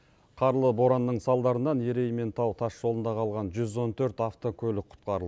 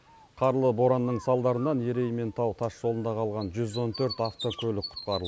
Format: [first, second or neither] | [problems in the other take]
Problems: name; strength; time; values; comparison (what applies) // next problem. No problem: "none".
first | background sound (Bird); 17 dB below the speech